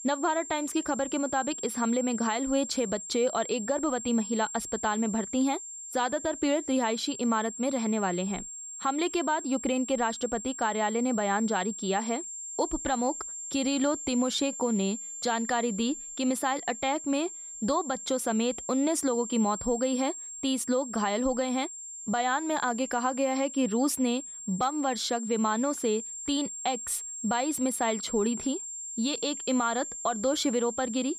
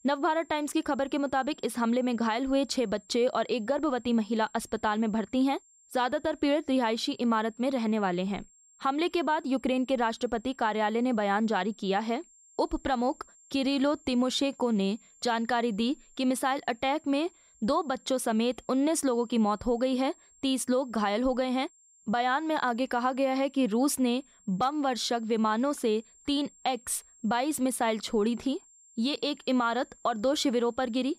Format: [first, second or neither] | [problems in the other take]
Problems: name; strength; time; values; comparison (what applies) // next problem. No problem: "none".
second | high-pitched whine; loud; throughout; 7.5 kHz, 8 dB below the speech; faint in the second